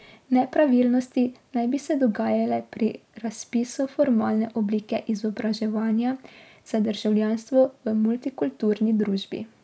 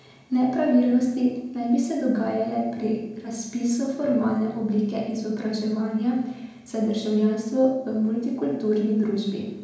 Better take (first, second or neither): first